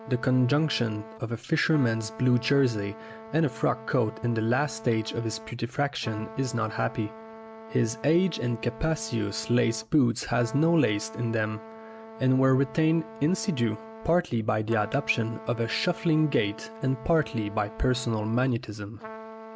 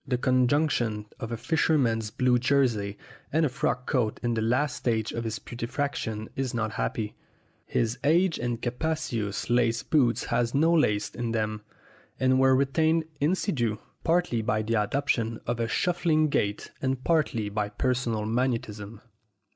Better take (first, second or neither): second